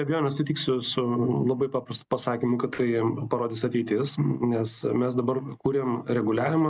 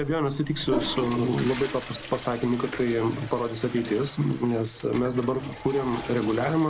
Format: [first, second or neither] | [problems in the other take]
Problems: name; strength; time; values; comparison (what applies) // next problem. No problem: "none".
first | background sound (Toilet flush / Water); 11 dB below the speech